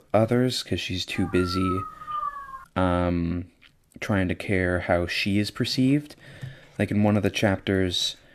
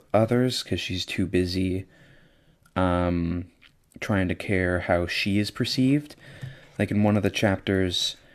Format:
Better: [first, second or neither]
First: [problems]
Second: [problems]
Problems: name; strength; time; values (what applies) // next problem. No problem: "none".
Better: second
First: dog barking; noticeable; from 1 to 2.5 s; peak 6 dB below the speech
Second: none